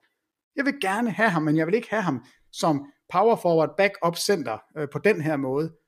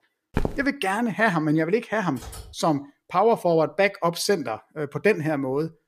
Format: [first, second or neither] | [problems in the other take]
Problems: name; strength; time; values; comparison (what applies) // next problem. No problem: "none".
first | footsteps; noticeable; at 0.5 s; peak 6 dB below the speech // keyboard typing; faint; at 2 s; peak 15 dB below the speech